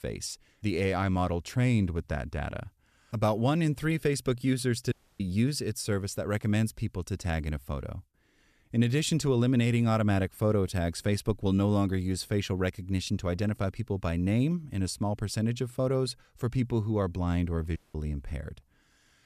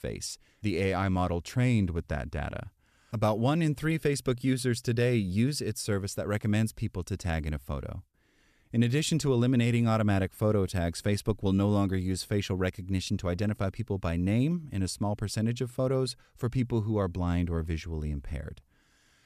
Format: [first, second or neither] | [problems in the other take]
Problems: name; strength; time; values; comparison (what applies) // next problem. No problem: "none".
second | audio cutting out; at 5 s and at 18 s